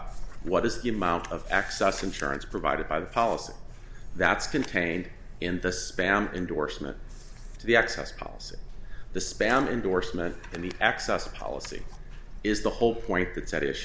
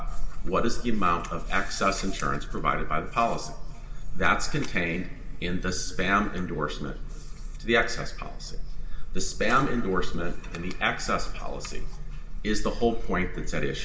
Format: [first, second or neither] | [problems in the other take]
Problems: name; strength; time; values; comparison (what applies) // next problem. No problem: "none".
first | room echo; dies away in 2 s